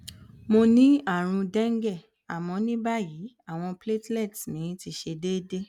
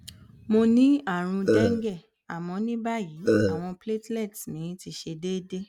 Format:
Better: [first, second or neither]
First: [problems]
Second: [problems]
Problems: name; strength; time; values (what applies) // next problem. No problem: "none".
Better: first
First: none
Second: background sound (Burping, eructation); 3 dB above the speech